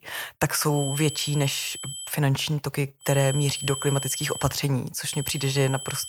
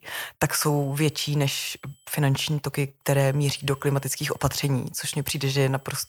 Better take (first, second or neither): second